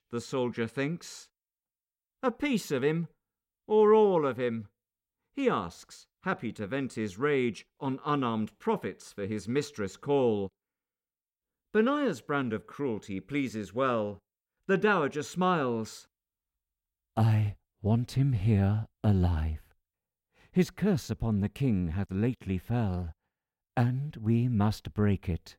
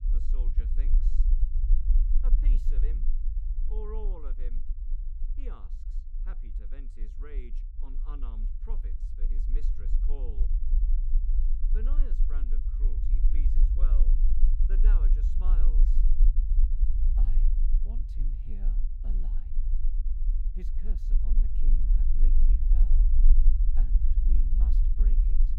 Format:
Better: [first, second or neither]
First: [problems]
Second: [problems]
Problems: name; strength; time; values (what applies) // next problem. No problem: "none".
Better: first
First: none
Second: low rumble; loud; throughout; 1 dB below the speech